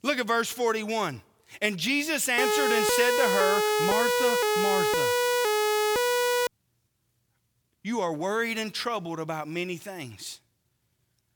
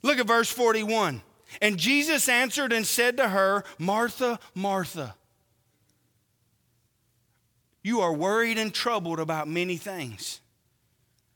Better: second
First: siren; loud; from 2.5 to 6.5 s; peak 4 dB above the speech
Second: none

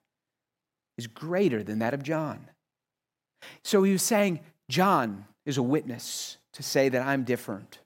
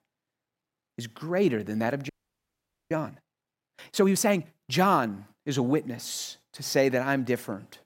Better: first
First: none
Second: audio freezing; at 2 s for 1 s

